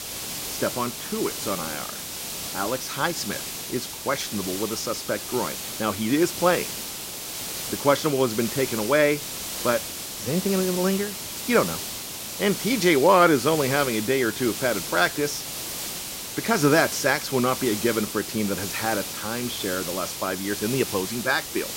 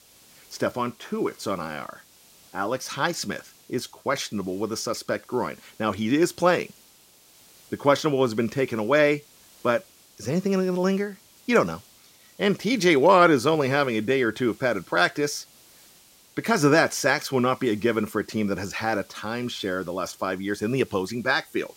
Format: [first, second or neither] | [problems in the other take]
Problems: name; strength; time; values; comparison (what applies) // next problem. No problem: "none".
second | hiss; loud; throughout; 6 dB below the speech; faint in the second